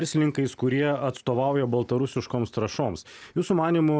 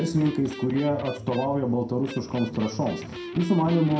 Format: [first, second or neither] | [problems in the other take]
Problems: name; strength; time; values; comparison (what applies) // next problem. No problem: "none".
first | background sound (Electric guitar); 12 dB below the speech // room echo; dies away in 0.5 s